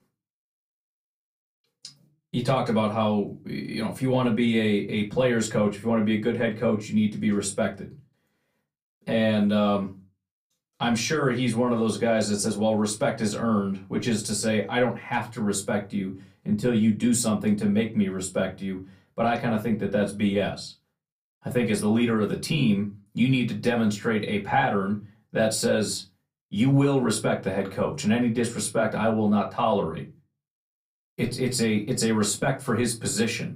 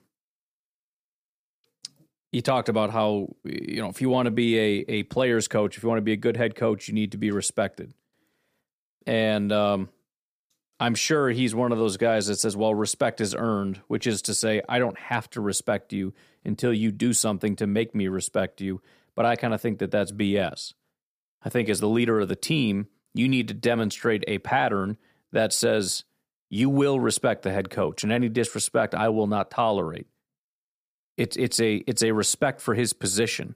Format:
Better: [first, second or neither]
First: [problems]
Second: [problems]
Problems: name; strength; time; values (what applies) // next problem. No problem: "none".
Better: second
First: off-mic speech; far // room echo; very slight; dies away in 0.2 s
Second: none